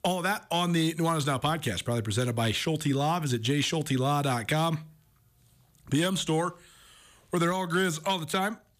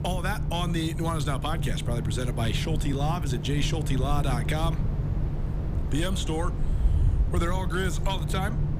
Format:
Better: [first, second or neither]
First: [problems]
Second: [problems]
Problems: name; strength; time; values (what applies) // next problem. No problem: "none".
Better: first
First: none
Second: low rumble; loud; throughout; 9 dB below the speech